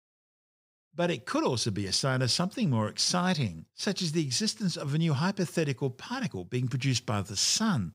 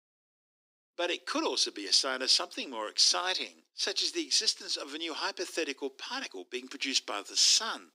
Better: first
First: none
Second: thin; very; fading below 250 Hz

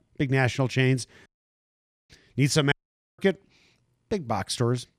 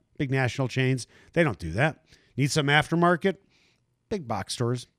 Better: second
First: audio cutting out; at 1.5 s for 1 s and at 2.5 s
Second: none

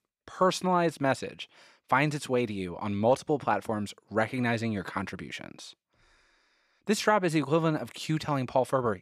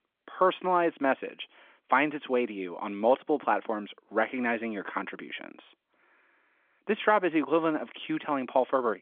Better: first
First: none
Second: phone-call audio; nothing above 3.5 kHz

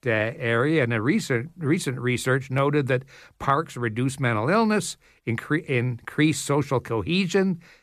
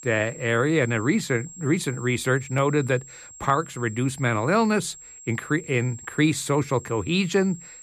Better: first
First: none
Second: high-pitched whine; noticeable; throughout; 7.5 kHz, 15 dB below the speech

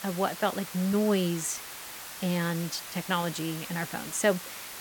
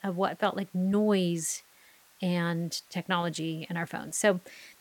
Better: second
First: hiss; loud; throughout; 9 dB below the speech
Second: hiss; faint; throughout; 30 dB below the speech

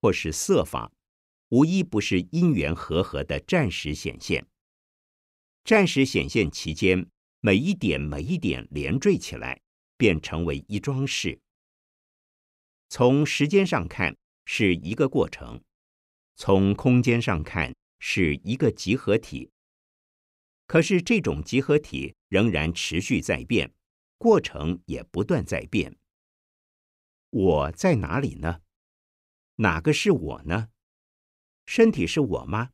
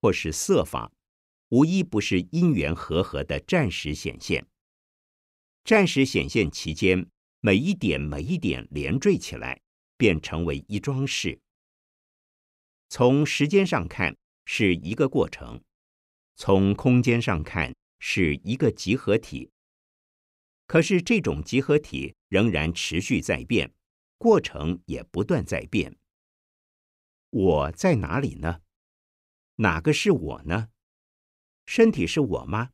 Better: neither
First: none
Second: none

